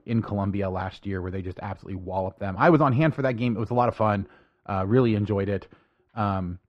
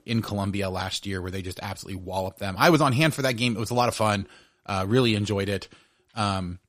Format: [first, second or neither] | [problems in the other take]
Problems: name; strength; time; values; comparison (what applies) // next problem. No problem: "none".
second | muffled; very; fading above 4 kHz